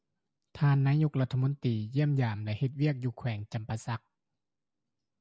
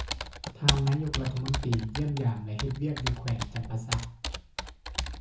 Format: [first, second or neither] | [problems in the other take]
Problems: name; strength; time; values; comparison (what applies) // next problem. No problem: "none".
first | background sound (Computer keyboard); 3 dB below the speech // room echo; dies away in 0.6 s